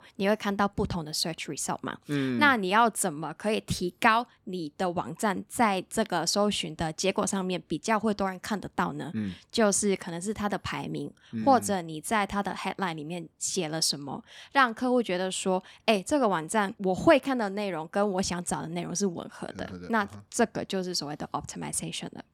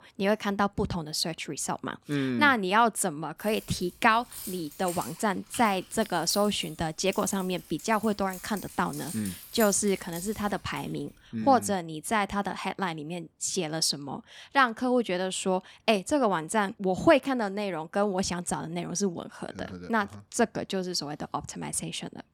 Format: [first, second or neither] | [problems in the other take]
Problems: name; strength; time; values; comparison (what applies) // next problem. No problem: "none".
first | jangling keys; noticeable; from 3.5 to 11 s; peak 9 dB below the speech